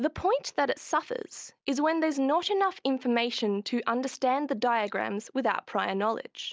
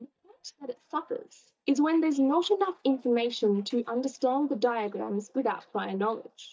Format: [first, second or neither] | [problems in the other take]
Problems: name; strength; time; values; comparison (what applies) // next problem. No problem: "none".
first | noise reduction (neural mask model DeepFilterNet 3)